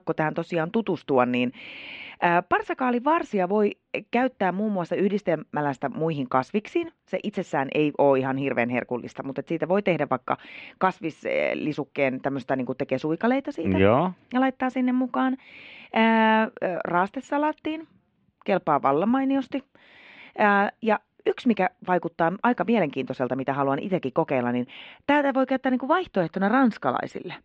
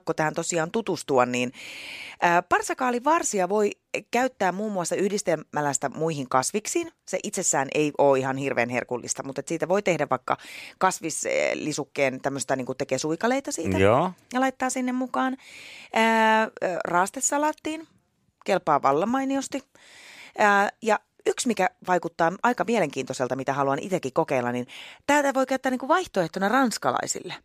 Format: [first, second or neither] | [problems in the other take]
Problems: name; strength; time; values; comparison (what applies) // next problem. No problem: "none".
second | muffled; very; fading above 3 kHz